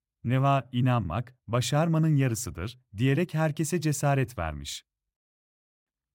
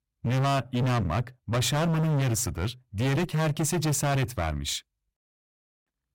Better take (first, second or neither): first